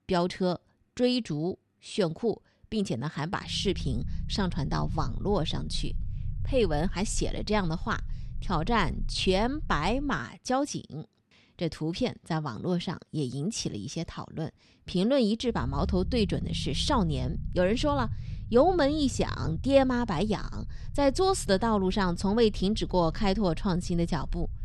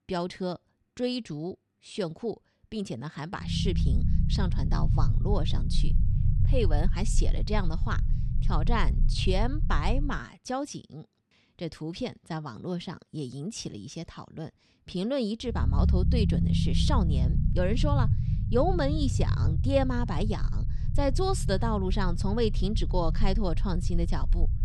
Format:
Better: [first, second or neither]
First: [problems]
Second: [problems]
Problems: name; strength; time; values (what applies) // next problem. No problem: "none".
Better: first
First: low rumble; faint; from 3.5 to 10 s and from 16 s on; 25 dB below the speech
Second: low rumble; loud; from 3.5 to 10 s and from 16 s on; 9 dB below the speech